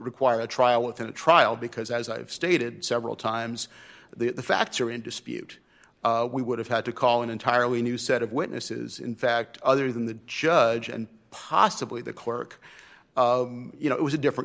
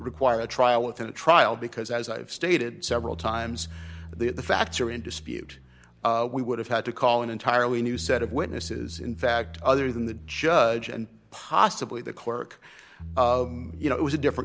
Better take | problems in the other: first | background sound (Bass guitar); 16 dB below the speech

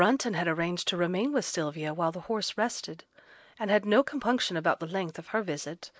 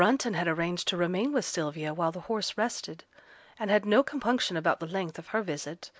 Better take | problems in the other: second | noise reduction (neural mask model Resemble Enhance denoiser)

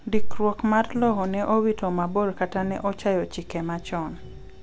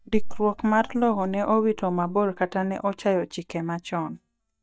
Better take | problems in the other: first | noise reduction (neural mask model DeepFilterNet 3)

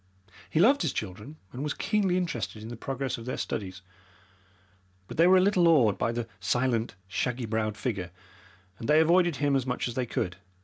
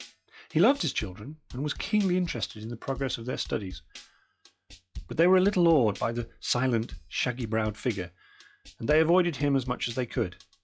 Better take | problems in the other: first | noise reduction (classical method log-MMSE)

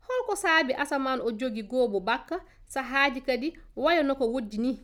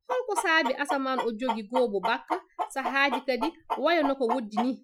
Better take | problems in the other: first | noise reduction (classical method Wiener filter)

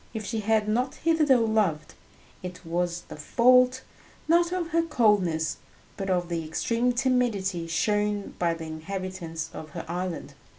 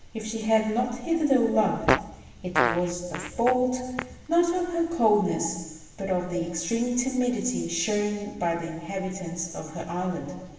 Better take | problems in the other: first | background sound (Fart); 4 dB below the speech // room echo; dies away in 1.3 s

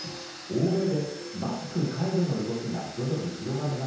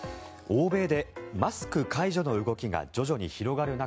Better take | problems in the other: second | background sound (Domestic sounds, home sounds); 14 dB below the speech // room echo; dies away in 0.9 s

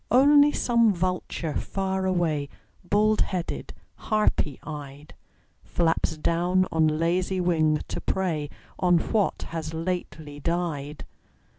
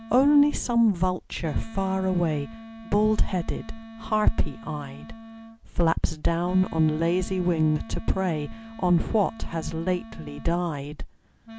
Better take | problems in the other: first | background sound (Wind instrument, woodwind instrument); 18 dB below the speech

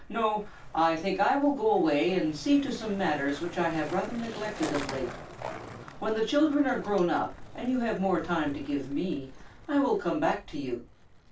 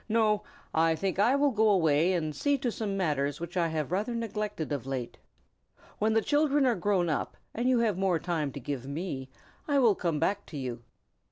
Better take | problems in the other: second | background sound (Skateboard); 16 dB below the speech // room echo; dies away in 0.2 s

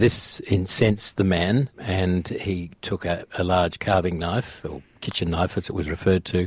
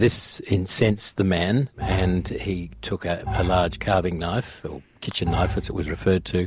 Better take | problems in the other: first | background sound (Bowed string instrument); 7 dB below the speech

